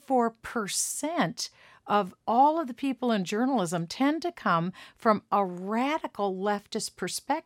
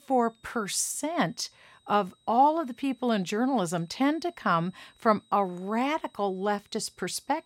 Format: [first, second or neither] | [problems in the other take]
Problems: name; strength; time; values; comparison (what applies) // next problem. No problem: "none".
first | high-pitched whine; faint; throughout; 4 kHz, 35 dB below the speech